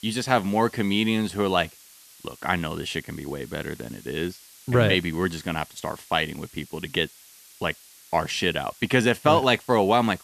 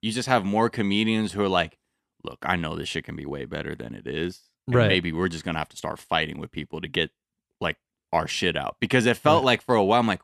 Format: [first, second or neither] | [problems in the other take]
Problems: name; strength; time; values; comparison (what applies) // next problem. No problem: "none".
second | hiss; faint; throughout; 25 dB below the speech